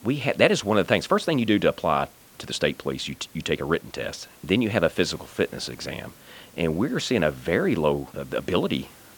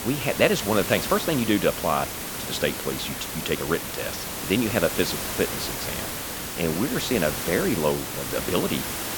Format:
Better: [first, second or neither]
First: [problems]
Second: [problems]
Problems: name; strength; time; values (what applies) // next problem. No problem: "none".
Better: first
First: hiss; faint; throughout; 25 dB below the speech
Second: hiss; loud; throughout; 4 dB below the speech